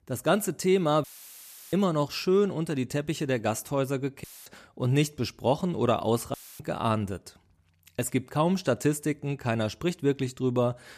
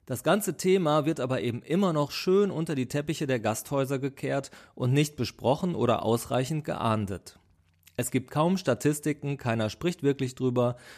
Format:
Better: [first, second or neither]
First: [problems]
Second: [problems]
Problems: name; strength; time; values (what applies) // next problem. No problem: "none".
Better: second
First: audio cutting out; filled with static; at 1 s for 0.5 s, at 4 s and at 6.5 s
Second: none